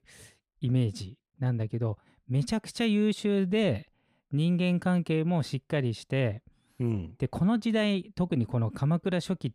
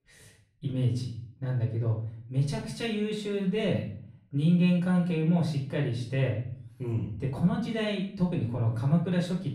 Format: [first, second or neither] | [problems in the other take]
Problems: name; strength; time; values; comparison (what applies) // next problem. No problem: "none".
first | off-mic speech; far // room echo; slight; dies away in 0.5 s